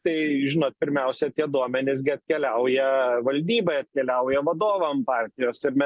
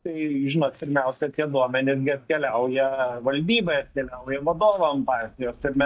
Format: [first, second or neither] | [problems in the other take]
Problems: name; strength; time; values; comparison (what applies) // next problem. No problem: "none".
first | noise reduction (neural mask model DeepFilterNet 3)